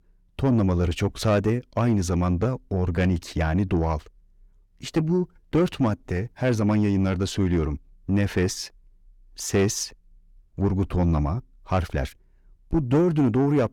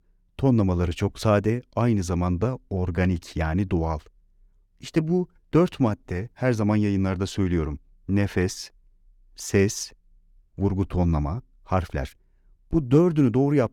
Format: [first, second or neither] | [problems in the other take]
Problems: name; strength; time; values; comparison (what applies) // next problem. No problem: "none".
second | distortion; slight; 10 dB below the speech